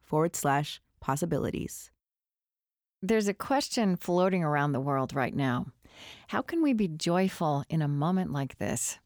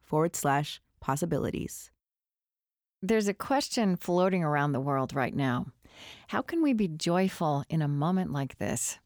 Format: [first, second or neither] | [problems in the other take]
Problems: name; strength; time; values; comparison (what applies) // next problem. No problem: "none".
neither | none